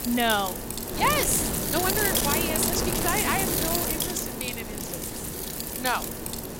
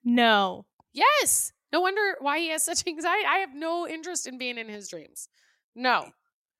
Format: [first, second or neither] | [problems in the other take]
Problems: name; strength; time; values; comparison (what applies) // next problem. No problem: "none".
second | wind noise on the microphone; heavy; 2 dB below the speech